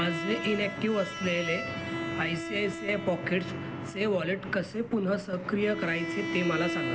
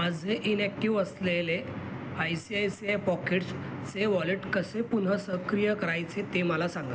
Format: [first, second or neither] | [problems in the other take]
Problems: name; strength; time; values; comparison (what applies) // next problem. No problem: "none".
second | background sound (Bowed string instrument); 6 dB below the speech